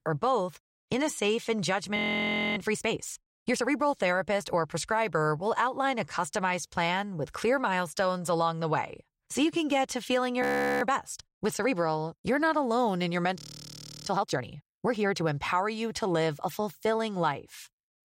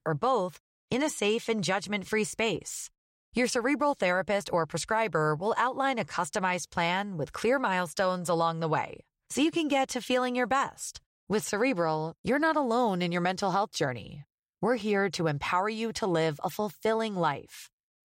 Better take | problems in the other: second | audio freezing; at 2 s for 0.5 s, at 10 s and at 13 s for 0.5 s

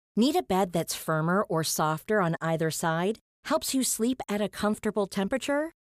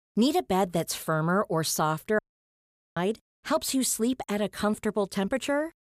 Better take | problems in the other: first | audio cutting out; at 2 s for 1 s

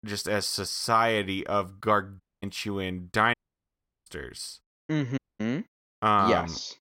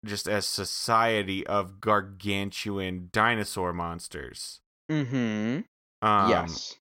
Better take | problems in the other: second | audio cutting out; at 2 s, at 3.5 s for 0.5 s and at 5 s

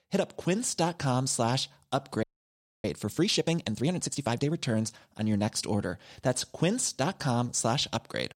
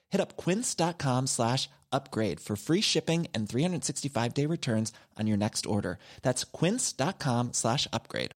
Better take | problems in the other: second | audio freezing; at 2 s for 0.5 s

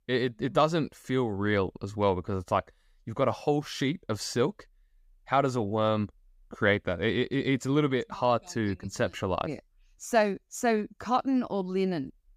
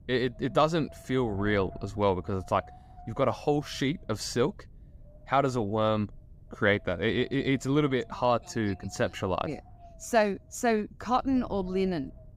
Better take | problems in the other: first | wind noise on the microphone; occasional gusts; 25 dB below the speech

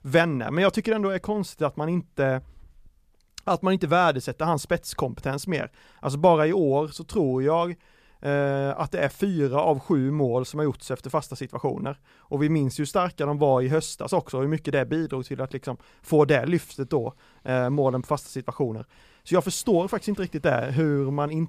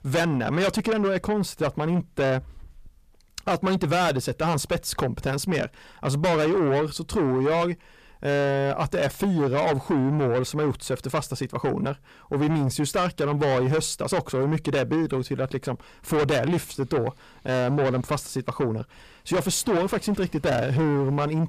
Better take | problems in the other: first | distortion; heavy; 6 dB below the speech

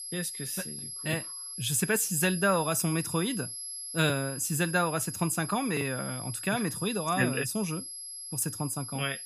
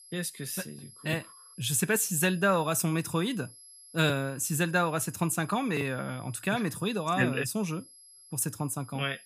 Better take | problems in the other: second | high-pitched whine; loud; throughout; 11 kHz, 7 dB below the speech; faint in the second

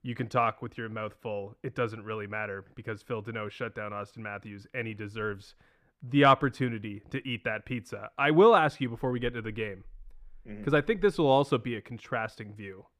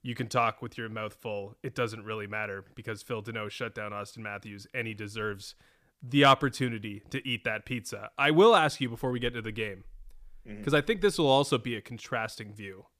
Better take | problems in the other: second | muffled; slightly; fading above 3 kHz

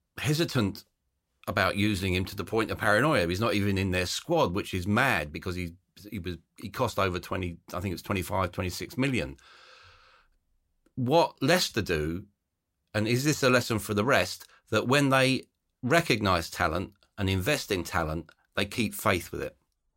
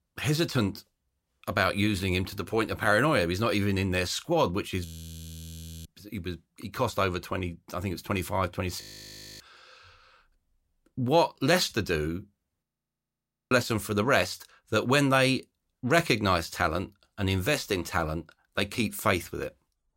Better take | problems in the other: first | audio freezing; at 5 s for 1 s, at 9 s for 0.5 s and at 13 s for 1 s

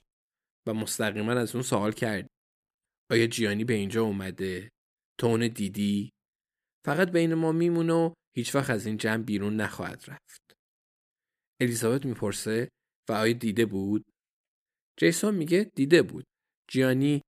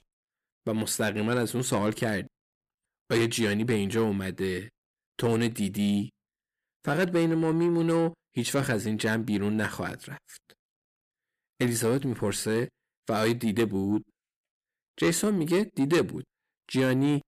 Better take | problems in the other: first | distortion; slight; 10 dB below the speech

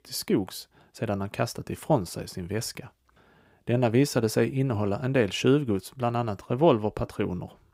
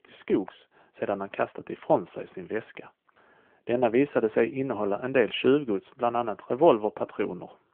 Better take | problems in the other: first | phone-call audio

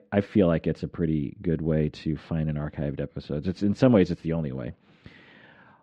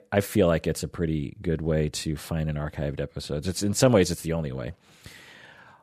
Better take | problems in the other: second | muffled; slightly; fading above 3.5 kHz

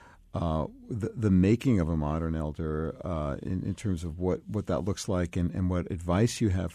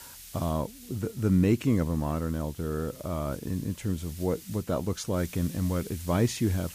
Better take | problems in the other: first | hiss; noticeable; throughout; 15 dB below the speech

